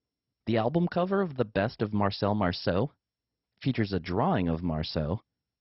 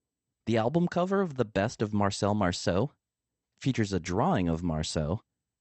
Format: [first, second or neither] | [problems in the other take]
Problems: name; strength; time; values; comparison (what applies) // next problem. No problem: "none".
second | garbled, watery; badly; nothing above 5.5 kHz; slightly in the second